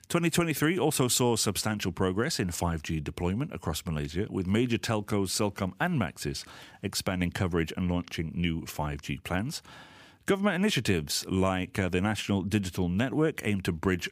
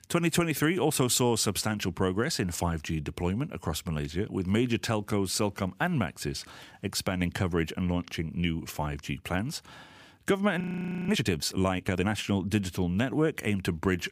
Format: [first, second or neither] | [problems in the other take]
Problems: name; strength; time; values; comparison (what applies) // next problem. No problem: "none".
first | audio freezing; at 11 s